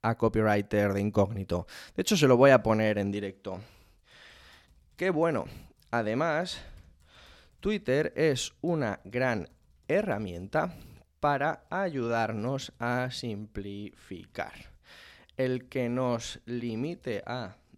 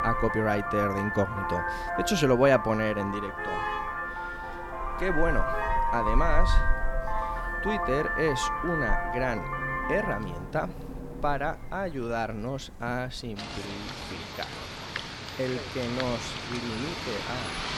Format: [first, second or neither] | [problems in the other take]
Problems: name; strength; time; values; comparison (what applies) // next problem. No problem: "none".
first | traffic noise; loud; throughout; 1 dB below the speech